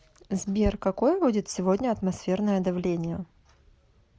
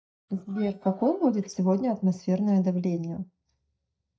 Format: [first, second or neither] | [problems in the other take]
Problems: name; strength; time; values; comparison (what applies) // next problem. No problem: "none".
first | noise reduction (neural mask model DeepFilterNet 3)